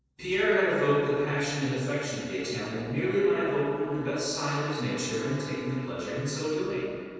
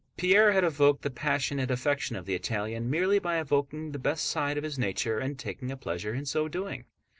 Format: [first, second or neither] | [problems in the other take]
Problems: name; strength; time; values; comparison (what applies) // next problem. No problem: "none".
second | noise reduction (neural separator model SepFormer DNS4)